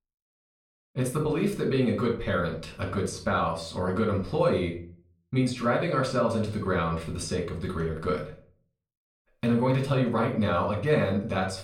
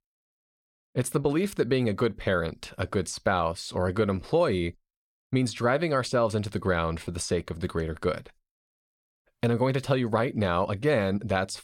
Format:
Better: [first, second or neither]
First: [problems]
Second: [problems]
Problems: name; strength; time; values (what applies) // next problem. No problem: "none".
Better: second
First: room echo; slight; dies away in 0.4 s // off-mic speech; far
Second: none